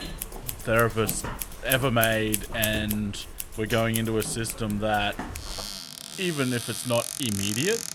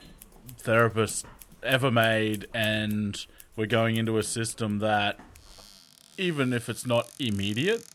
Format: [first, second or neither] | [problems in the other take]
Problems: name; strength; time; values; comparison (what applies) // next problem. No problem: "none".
second | household noises; loud; throughout; 6 dB below the speech; faint in the second